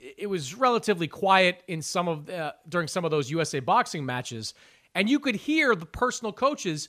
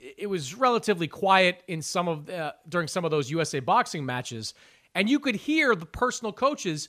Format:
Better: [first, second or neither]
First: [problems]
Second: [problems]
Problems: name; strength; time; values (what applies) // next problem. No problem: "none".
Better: neither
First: none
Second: none